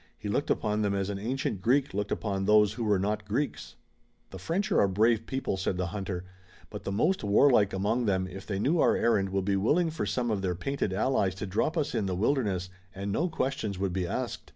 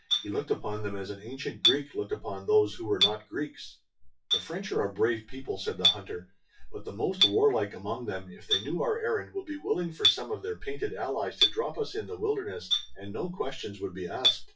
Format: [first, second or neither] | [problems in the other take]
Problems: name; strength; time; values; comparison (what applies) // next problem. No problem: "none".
first | noise reduction (classical method WPE with log-MMSE)